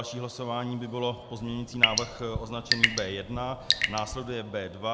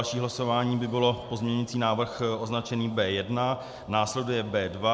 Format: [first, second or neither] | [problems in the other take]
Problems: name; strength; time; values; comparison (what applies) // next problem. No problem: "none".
second | background sound (Drip / Sink (filling or washing) / Water tap, faucet / Water); 3 dB above the speech